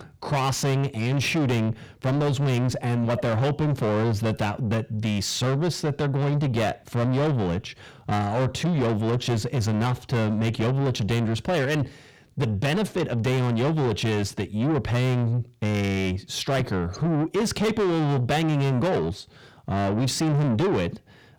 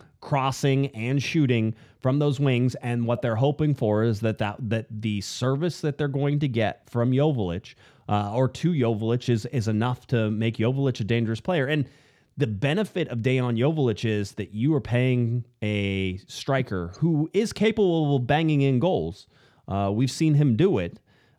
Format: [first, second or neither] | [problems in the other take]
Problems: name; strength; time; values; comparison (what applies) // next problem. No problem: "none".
second | distortion; heavy; 7 dB below the speech